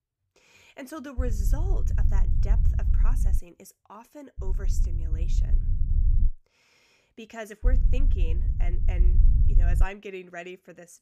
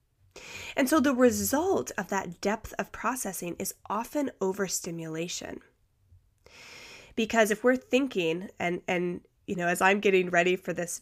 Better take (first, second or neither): second